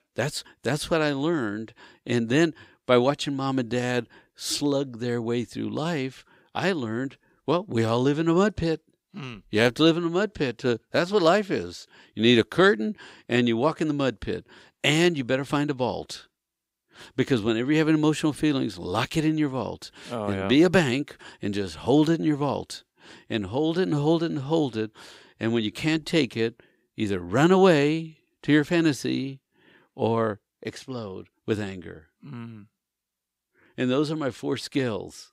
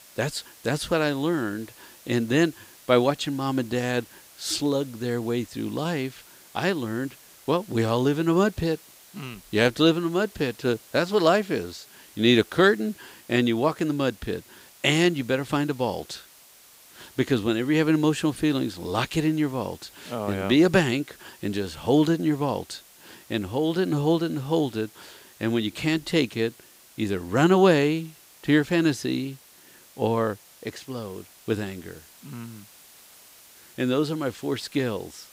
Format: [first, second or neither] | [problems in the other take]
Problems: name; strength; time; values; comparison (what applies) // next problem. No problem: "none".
first | hiss; faint; throughout; 25 dB below the speech